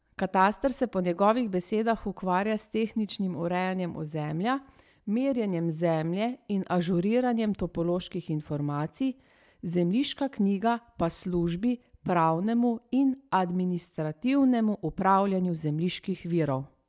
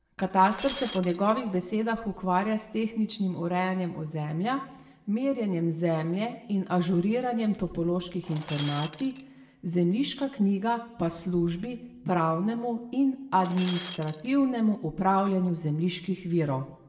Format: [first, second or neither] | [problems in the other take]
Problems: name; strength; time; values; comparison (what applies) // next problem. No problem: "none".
first | background sound (Shatter); 14 dB below the speech // room echo; dies away in 0.7 s